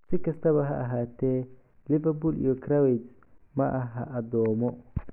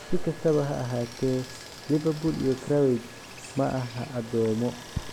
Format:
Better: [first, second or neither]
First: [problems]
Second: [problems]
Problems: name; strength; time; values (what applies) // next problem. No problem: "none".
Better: first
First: none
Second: background sound (Stream); 16 dB below the speech